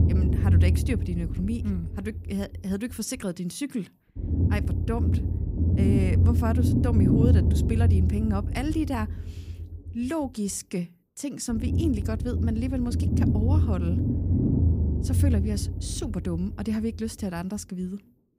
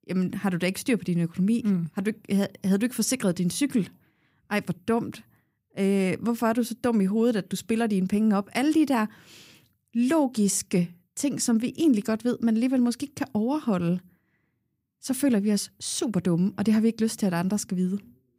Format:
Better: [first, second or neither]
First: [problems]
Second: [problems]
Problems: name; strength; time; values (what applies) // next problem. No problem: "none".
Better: second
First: low rumble; loud; throughout; 1 dB below the speech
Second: none